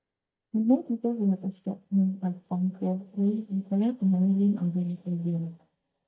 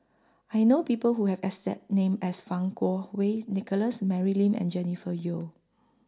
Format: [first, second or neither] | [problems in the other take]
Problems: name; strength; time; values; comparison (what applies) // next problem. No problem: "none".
second | noise reduction (neural mask model DeepFilterNet 3)